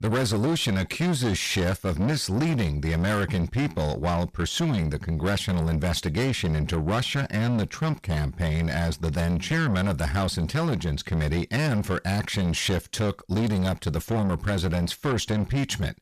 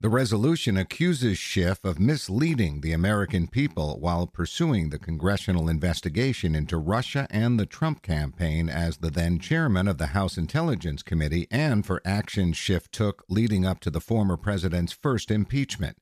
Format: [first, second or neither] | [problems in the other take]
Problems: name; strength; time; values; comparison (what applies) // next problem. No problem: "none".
second | distortion; heavy; 7 dB below the speech